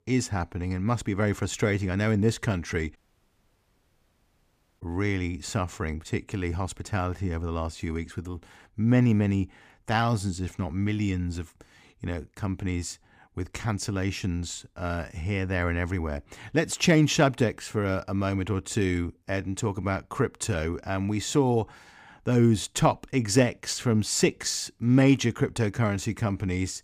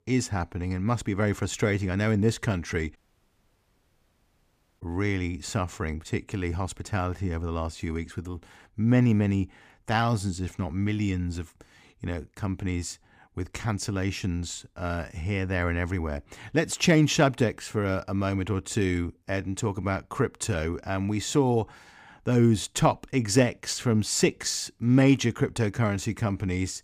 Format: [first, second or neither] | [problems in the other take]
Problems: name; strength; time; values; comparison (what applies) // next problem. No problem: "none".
neither | audio cutting out; at 3 s for 2 s; the same in both